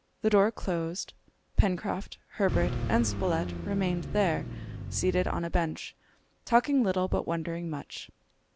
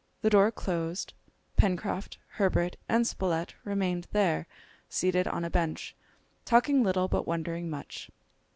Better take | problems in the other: second | background sound (Car); 5 dB below the speech

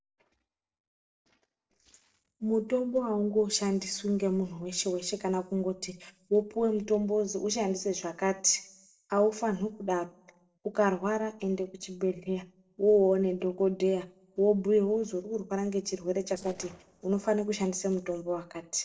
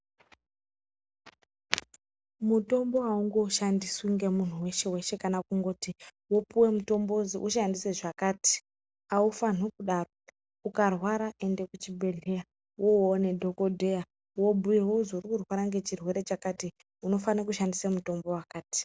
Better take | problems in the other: second | noise reduction (neural separator model SepFormer DNS4)

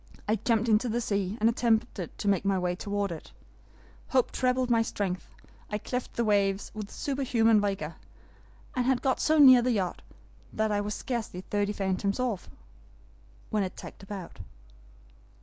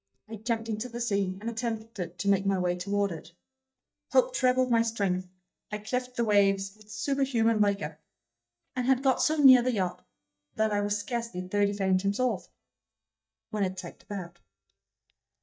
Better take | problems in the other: first | noise reduction (neural mask model DeepFilterNet 3)

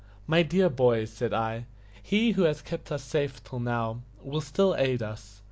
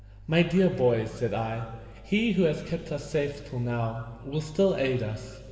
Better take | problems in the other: first | room echo; dies away in 2.7 s

